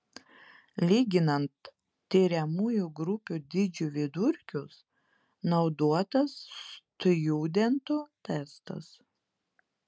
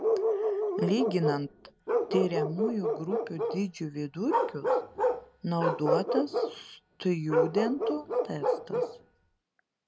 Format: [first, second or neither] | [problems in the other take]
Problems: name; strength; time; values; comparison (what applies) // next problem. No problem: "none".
first | background sound (Bark); 2 dB above the speech